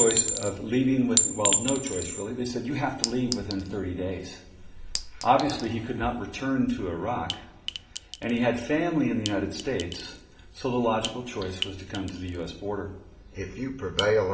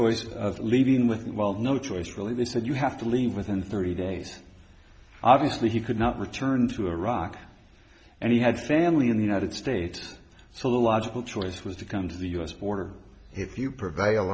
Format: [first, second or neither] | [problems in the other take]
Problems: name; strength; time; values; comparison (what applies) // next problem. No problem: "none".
second | background sound (Chink, clink); 5 dB below the speech // room echo; dies away in 1.8 s